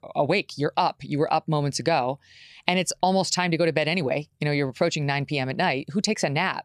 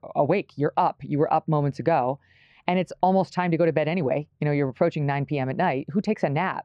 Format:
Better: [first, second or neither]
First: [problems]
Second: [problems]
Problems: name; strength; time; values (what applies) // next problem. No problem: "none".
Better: first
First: none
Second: muffled; very; fading above 3.5 kHz